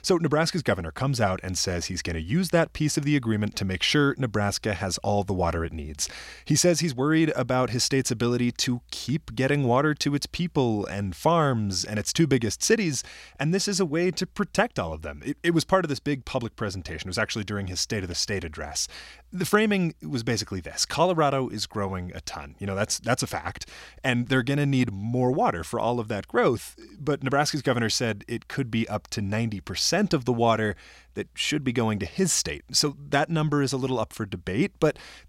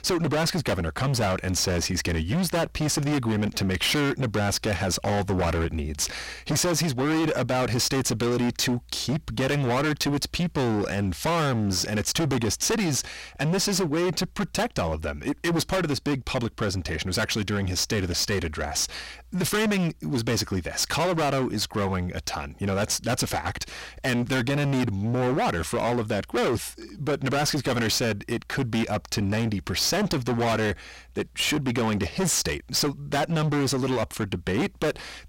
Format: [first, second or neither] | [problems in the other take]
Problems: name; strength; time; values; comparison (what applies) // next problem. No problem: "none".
first | distortion; heavy; 27% of the sound clipped